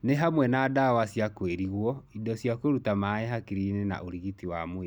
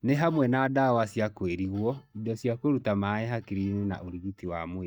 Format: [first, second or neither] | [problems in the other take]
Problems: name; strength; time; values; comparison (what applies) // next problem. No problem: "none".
first | noise reduction (neural mask model DeepFilterNet 3)